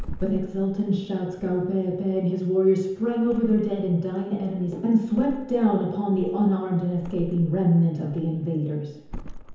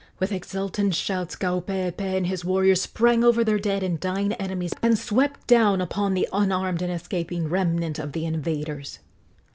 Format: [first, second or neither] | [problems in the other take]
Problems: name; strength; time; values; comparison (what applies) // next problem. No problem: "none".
second | background sound (Thump, thud); 16 dB below the speech // room echo; dies away in 1 s